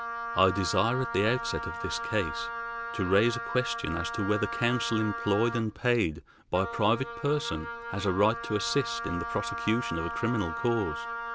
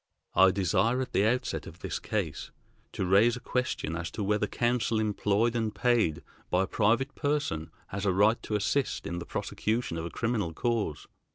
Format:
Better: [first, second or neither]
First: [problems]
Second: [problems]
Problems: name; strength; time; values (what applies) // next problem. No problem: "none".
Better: second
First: background sound (Wind instrument, woodwind instrument); 7 dB below the speech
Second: none